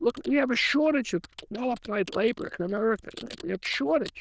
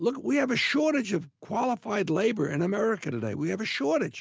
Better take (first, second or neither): second